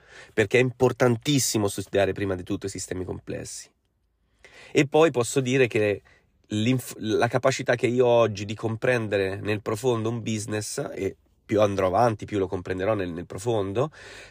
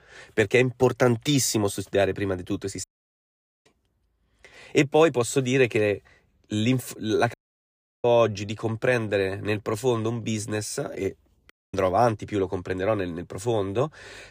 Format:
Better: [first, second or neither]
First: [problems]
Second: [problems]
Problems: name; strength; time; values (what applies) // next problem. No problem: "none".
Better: first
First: none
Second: audio cutting out; at 3 s for 1 s, at 7.5 s for 0.5 s and at 12 s